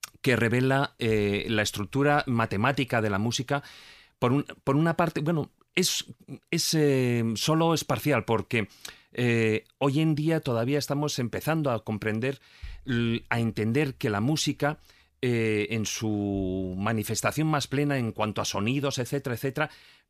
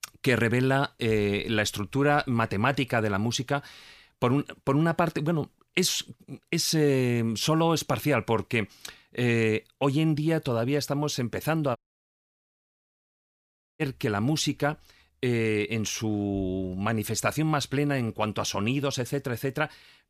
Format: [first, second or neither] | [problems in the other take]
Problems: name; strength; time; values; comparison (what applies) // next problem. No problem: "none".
first | audio cutting out; at 12 s for 2 s